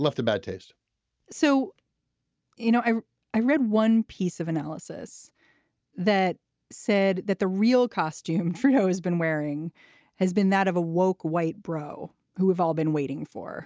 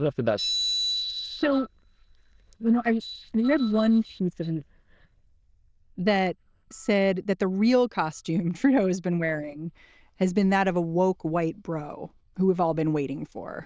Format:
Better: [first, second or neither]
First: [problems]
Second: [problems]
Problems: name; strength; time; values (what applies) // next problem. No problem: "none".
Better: first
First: none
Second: noise reduction (neural diffusion model UNIVERSE++)